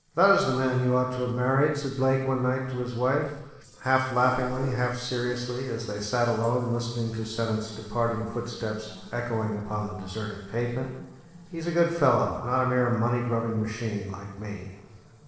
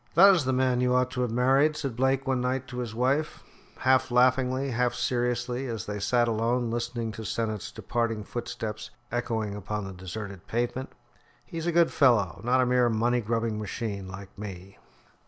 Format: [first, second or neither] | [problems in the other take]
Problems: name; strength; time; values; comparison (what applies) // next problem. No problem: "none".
second | noise reduction (neural separator model SepFormer DNS4)